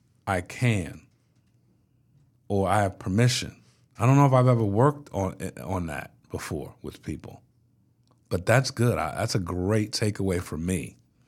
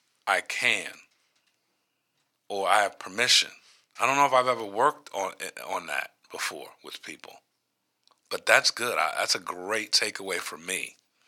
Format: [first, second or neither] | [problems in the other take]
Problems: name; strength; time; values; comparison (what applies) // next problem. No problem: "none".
first | thin; very; fading below 700 Hz